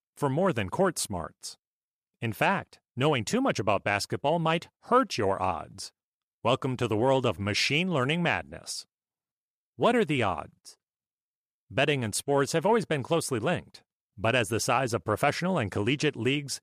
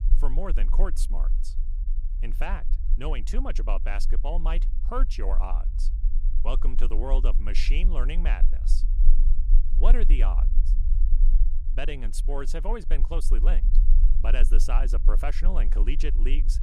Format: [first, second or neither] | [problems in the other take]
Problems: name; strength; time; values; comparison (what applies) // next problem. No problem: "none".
first | low rumble; noticeable; throughout; 15 dB below the speech